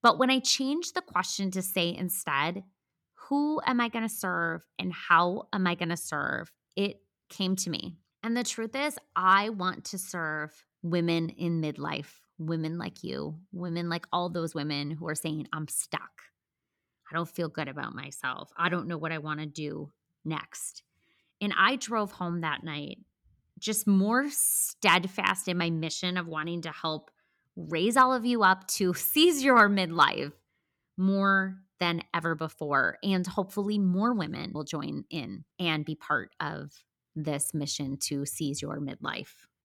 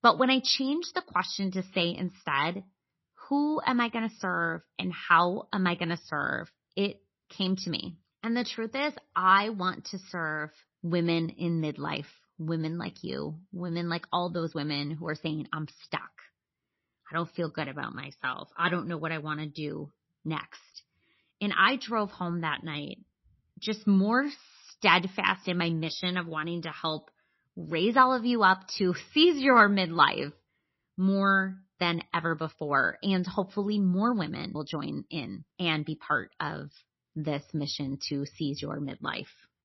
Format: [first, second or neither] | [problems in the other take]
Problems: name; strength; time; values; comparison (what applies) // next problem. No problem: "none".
first | garbled, watery; slightly; nothing above 5.5 kHz